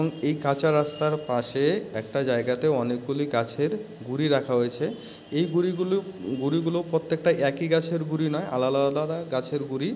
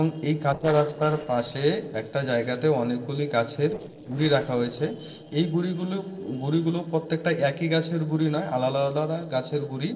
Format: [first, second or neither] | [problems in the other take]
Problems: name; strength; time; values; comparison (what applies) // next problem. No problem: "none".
first | noise reduction (neural separator model SepFormer DNS4)